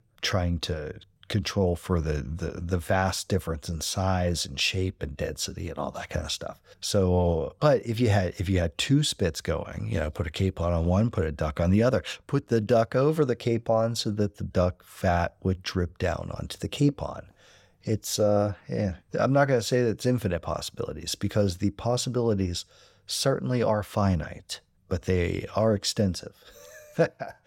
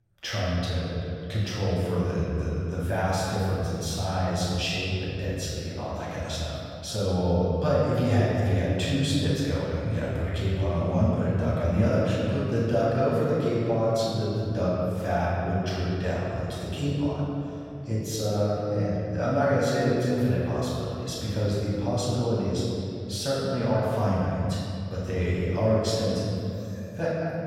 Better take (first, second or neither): first